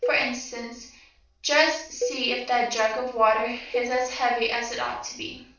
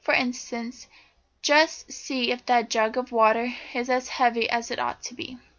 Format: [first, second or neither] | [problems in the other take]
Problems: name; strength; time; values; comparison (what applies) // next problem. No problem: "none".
second | noise reduction (neural separator model SepFormer DNS4)